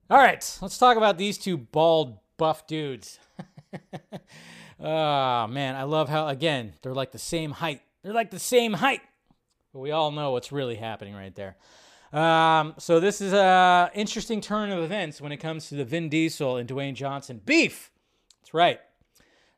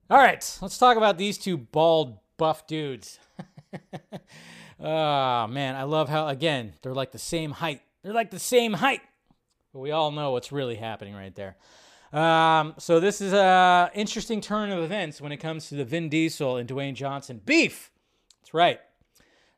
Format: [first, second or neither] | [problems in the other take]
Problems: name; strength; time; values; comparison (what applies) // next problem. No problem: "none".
neither | none